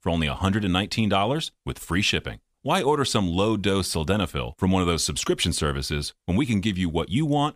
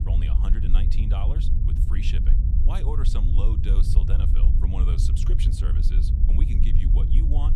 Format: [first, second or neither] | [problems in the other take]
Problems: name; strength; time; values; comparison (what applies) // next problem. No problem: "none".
first | low rumble; loud; throughout; 1 dB below the speech